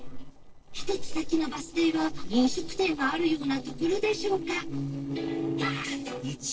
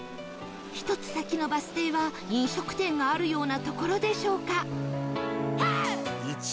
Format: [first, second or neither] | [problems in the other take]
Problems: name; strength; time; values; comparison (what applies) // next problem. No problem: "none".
second | noise reduction (neural separator model SepFormer DNS4)